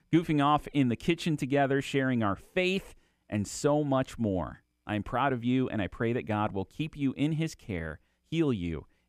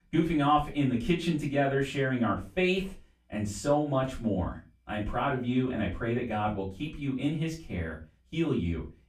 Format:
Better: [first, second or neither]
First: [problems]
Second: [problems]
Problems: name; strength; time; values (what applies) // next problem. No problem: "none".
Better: first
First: none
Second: off-mic speech; far // room echo; slight; dies away in 0.3 s